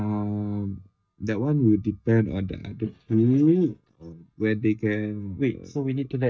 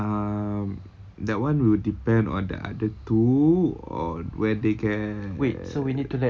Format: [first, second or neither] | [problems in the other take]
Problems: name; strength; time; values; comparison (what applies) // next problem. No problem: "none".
second | noise reduction (neural mask model DeepFilterNet 3)